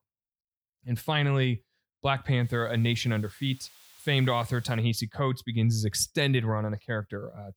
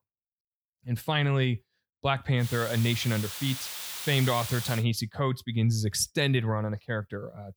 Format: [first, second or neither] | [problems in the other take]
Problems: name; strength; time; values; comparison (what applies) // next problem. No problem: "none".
first | hiss; loud; from 2.5 to 5 s; 8 dB below the speech; faint in the first